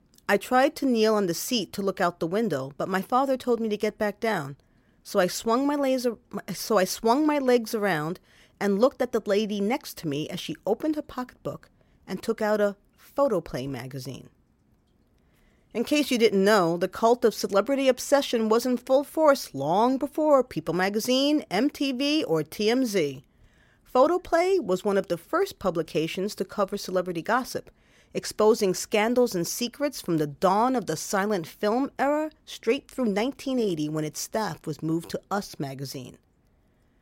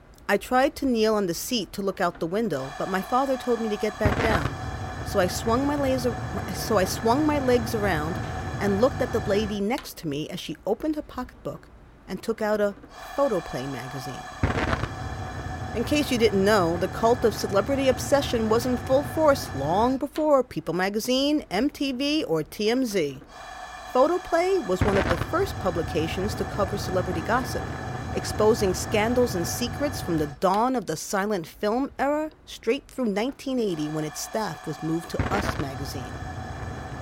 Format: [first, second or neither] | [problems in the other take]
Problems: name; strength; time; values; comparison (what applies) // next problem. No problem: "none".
first | hiss; loud; throughout; 7 dB below the speech